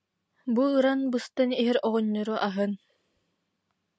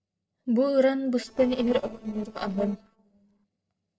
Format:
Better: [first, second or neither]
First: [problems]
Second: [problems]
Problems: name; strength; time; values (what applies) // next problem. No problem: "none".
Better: first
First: none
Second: noise reduction (neural separator model SepFormer DNS4)